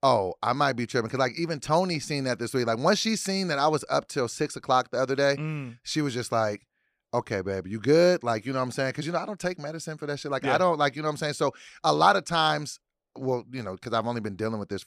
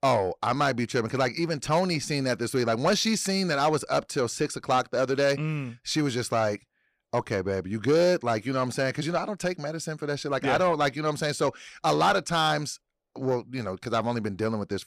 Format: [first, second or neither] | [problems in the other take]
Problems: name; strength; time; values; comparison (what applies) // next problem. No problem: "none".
first | distortion; slight; 10 dB below the speech